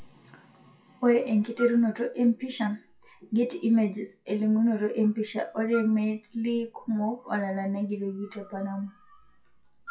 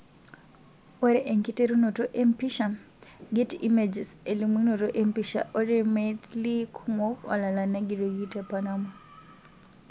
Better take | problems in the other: second | noise reduction (classical method WPE with log-MMSE)

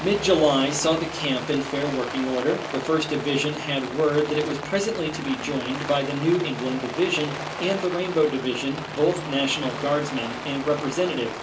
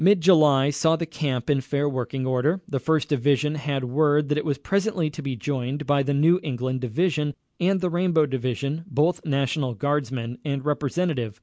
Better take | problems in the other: second | background sound (Rain); 9 dB below the speech // room echo; dies away in 0.3 s

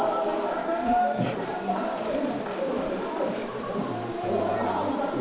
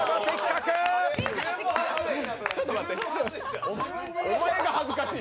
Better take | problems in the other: second | background sound (Insect); 8 dB below the speech // room echo; dies away in 0.8 s

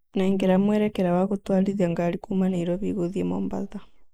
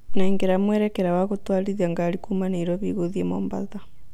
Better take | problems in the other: second | noise reduction (neural mask model Resemble Enhance denoiser)

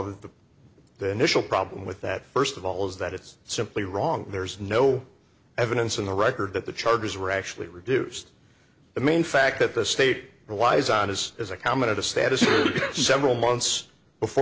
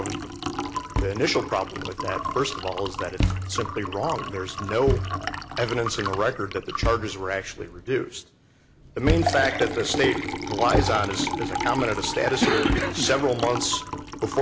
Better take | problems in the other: first | background sound (Liquid + Thump, thud); 3 dB below the speech

